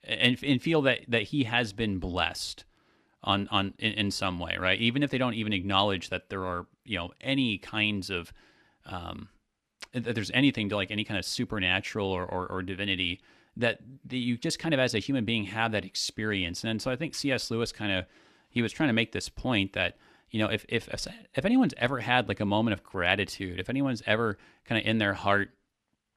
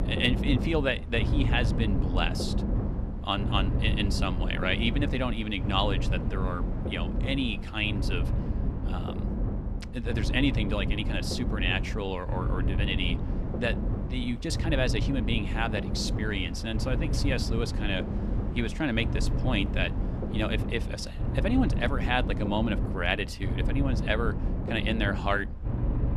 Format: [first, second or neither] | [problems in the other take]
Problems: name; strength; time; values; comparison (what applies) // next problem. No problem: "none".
first | low rumble; loud; throughout; 9 dB below the speech